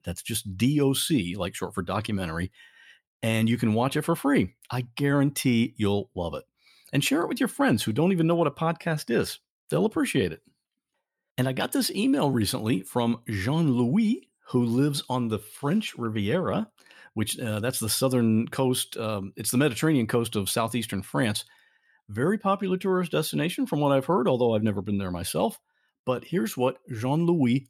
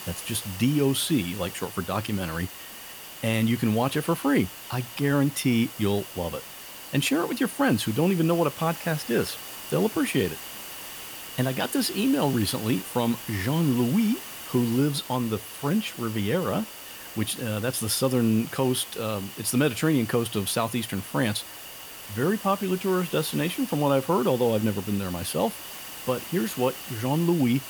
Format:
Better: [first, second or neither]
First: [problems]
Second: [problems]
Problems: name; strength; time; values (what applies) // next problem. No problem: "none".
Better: first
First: none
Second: hiss; noticeable; throughout; 10 dB below the speech